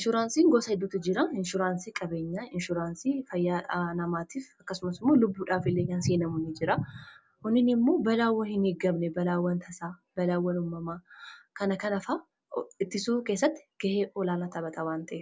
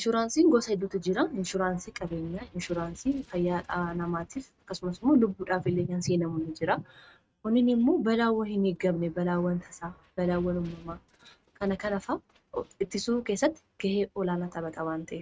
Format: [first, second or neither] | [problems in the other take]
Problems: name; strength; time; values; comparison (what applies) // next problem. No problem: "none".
first | noise reduction (neural mask model RNNoise)